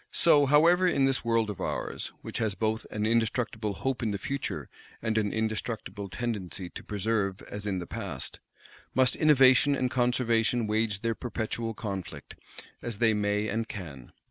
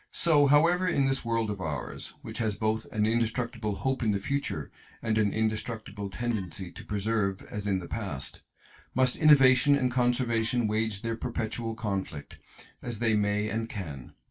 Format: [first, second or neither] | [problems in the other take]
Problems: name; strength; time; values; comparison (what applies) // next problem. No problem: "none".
first | noise reduction (neural separator model SepFormer DNS4)